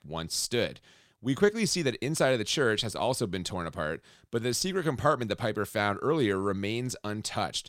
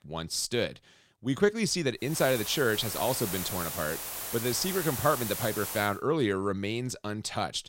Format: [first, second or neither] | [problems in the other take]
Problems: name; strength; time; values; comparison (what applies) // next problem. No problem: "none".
first | hiss; loud; from 2 to 6 s; 5 dB below the speech